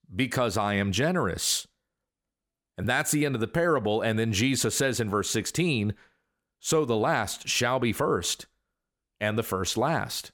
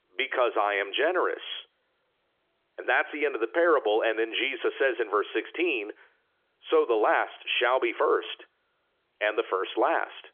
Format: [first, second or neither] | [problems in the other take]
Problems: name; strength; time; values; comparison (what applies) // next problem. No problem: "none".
first | phone-call audio; nothing above 3.5 kHz